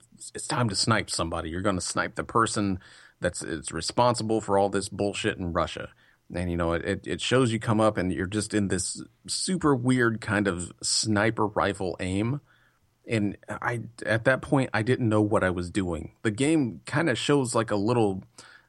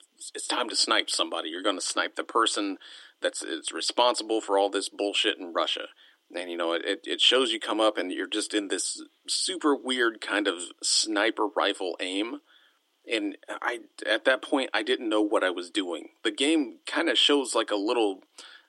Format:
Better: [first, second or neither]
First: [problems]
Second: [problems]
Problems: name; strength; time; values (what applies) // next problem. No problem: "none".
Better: first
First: none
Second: thin; somewhat; fading below 300 Hz